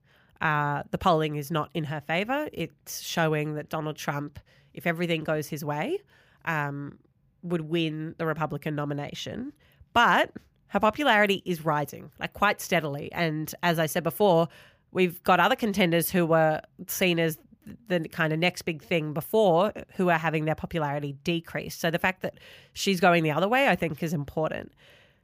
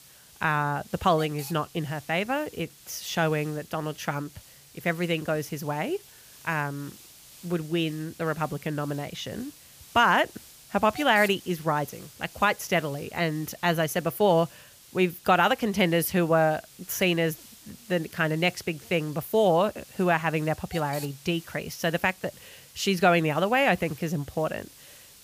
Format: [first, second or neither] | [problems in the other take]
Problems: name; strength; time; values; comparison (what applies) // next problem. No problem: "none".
first | hiss; faint; throughout; 20 dB below the speech